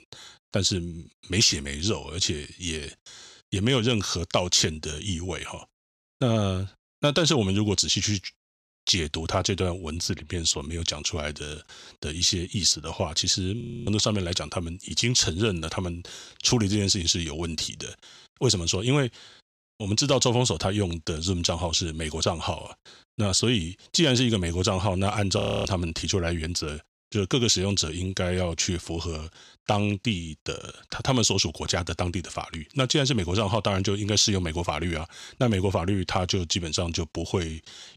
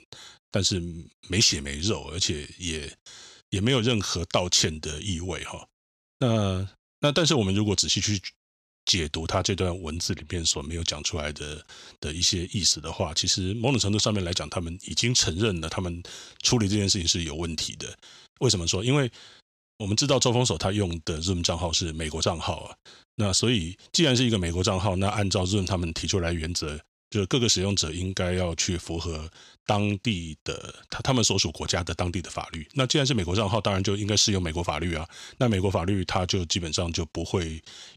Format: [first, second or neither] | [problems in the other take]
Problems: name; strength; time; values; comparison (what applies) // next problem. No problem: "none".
second | audio freezing; at 14 s and at 25 s